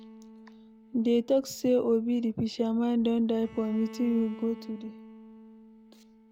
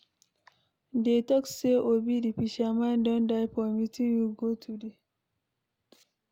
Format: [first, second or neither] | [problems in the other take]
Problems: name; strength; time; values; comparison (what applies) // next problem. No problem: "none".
second | background sound (Bowed string instrument); 19 dB below the speech